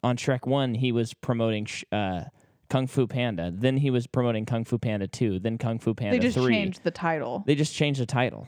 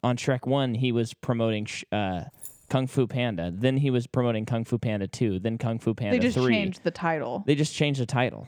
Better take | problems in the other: first | jangling keys; faint; at 2.5 s; peak 15 dB below the speech

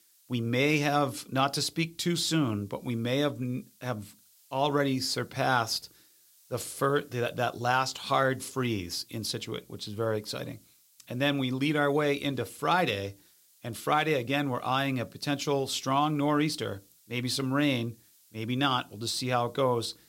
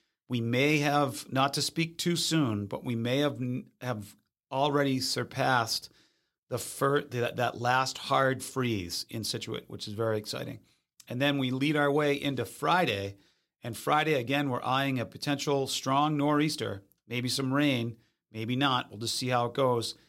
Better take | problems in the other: second | hiss; faint; throughout; 30 dB below the speech

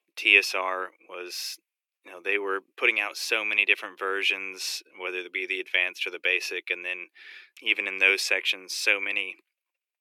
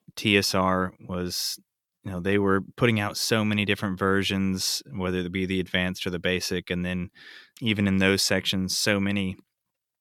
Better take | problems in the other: second | thin; very; fading below 350 Hz

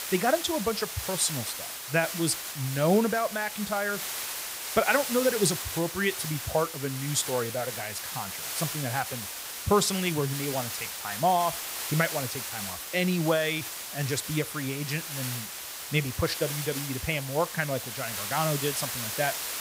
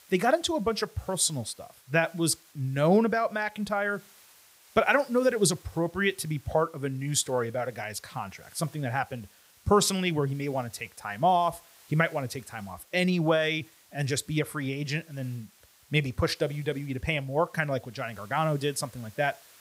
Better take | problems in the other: second | hiss; loud; throughout; 4 dB below the speech; faint in the second

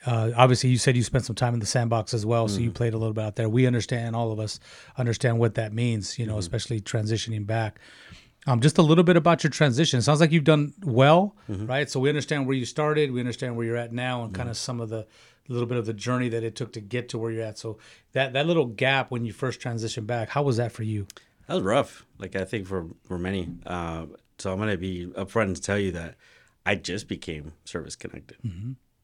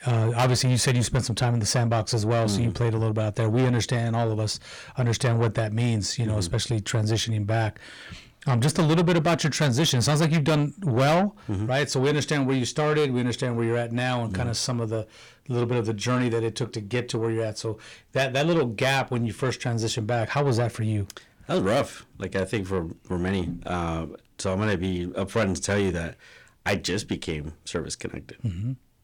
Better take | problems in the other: first | distortion; heavy; 7 dB below the speech

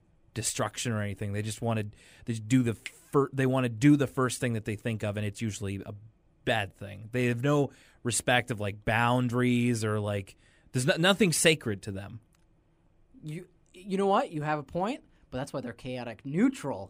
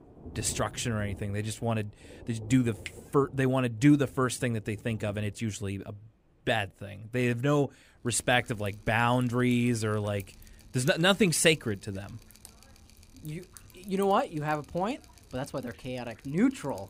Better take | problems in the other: first | rain or running water; faint; throughout; 20 dB below the speech

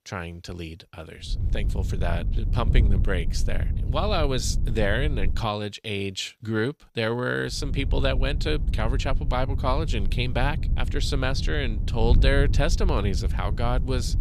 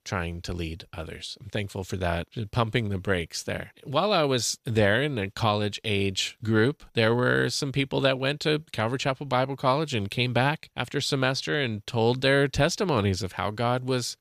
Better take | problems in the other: second | wind noise on the microphone; occasional gusts; from 1.5 to 5.5 s and from 7.5 s on; 15 dB below the speech

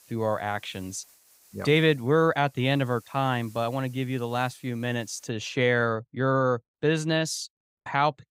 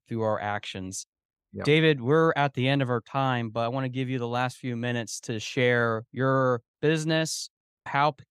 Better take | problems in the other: second | hiss; faint; until 5.5 s; 25 dB below the speech

